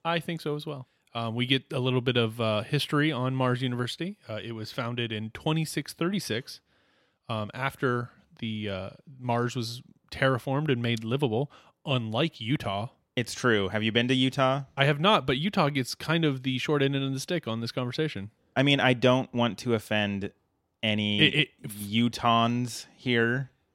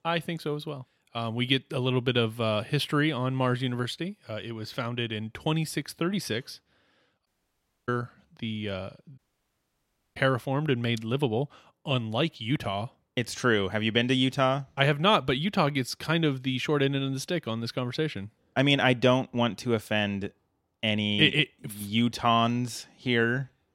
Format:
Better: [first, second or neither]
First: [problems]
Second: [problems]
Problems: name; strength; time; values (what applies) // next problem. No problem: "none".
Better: first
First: none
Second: audio cutting out; at 7.5 s for 0.5 s and at 9 s for 1 s